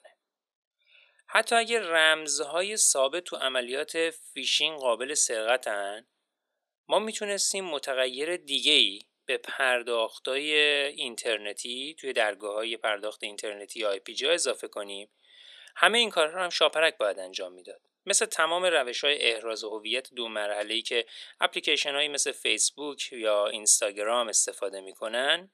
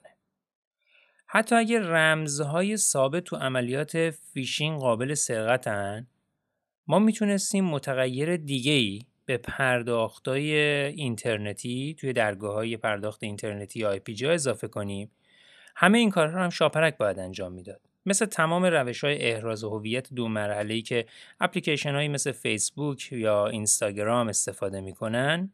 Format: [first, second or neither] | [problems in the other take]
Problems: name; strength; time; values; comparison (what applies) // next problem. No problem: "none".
second | thin; very; fading below 350 Hz